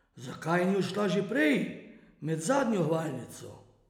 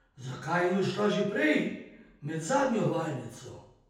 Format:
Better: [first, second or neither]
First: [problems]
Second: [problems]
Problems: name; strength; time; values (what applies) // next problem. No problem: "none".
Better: first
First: none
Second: room echo; dies away in 0.3 s